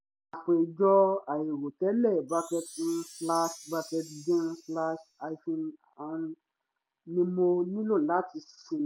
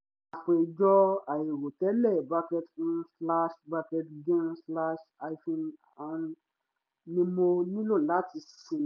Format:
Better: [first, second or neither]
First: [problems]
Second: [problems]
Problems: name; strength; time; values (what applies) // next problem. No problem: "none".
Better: second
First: background sound (Chime); 18 dB below the speech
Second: none